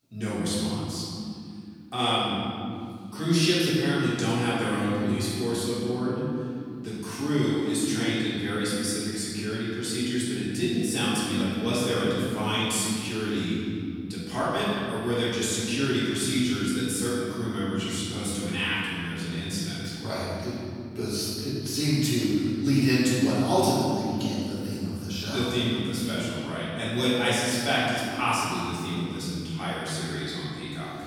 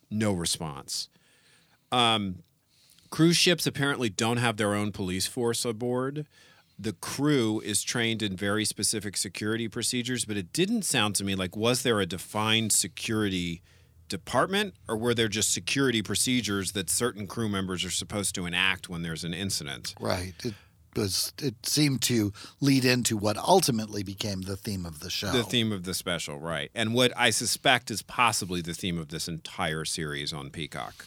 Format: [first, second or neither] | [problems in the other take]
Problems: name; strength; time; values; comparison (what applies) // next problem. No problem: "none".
second | room echo; strong; dies away in 2.6 s // off-mic speech; far